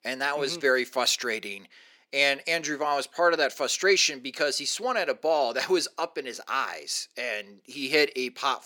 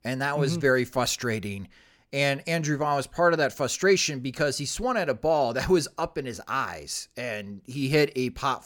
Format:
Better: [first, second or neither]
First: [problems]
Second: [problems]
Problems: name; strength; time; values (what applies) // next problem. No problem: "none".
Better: second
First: thin; somewhat; fading below 300 Hz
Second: none